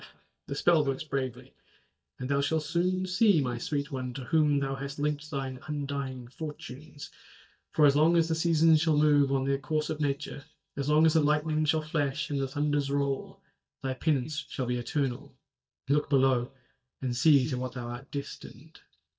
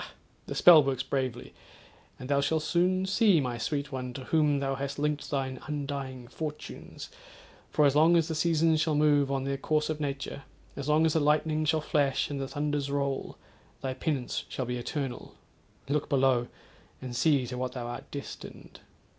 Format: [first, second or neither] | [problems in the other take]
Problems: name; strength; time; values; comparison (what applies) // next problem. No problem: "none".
second | noise reduction (neural mask model DeepFilterNet 3)